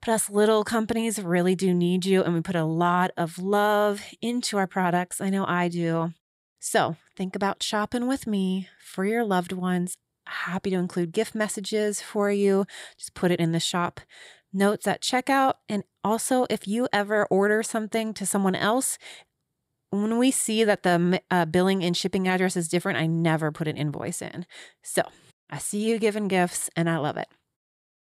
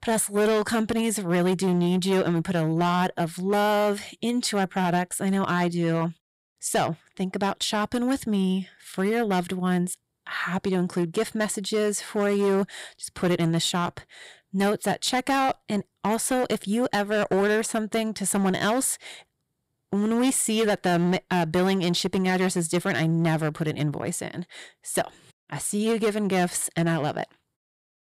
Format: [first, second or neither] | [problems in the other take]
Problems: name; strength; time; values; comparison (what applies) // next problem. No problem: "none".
first | distortion; slight; 10% of the sound clipped